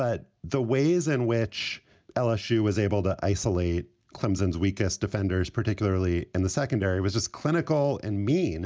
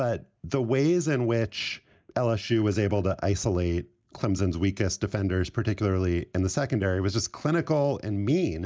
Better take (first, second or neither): first